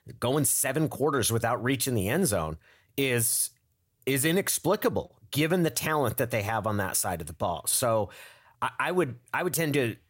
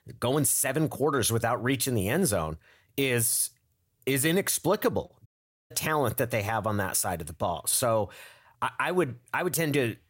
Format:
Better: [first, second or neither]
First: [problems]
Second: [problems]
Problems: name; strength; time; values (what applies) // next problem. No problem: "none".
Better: first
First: none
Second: audio cutting out; at 5.5 s